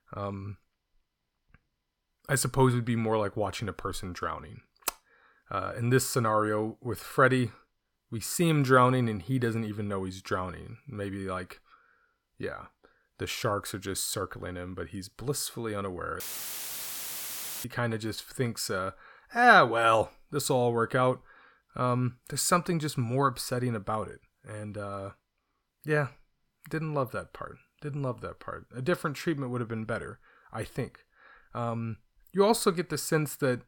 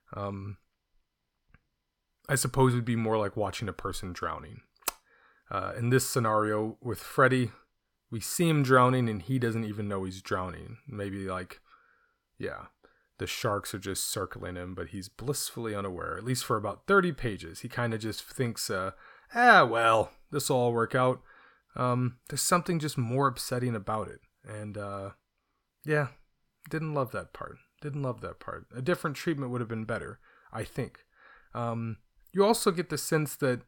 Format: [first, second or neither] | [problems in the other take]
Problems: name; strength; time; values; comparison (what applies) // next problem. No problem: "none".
second | audio cutting out; filled with static; at 16 s for 1.5 s